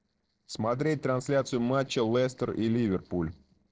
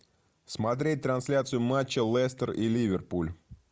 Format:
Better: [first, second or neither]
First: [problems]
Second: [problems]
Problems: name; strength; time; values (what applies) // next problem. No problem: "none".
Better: second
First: noise reduction (neural separator model SepFormer DNS4)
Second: none